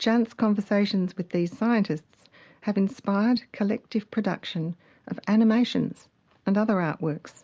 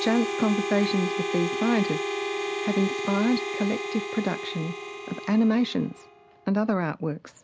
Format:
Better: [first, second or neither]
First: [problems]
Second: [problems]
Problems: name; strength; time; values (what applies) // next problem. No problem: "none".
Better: first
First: none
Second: background sound (Harmonica); 5 dB below the speech